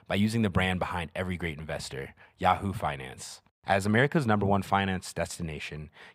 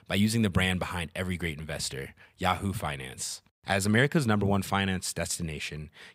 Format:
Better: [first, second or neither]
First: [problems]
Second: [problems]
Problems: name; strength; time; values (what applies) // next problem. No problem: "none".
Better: second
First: muffled; slightly; fading above 3.5 kHz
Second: none